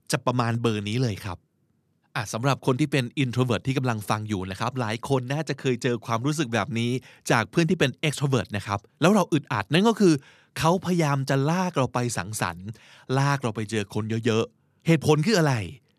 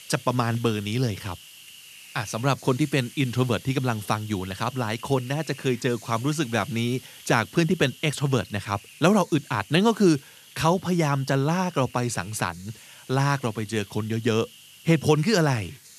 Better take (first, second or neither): first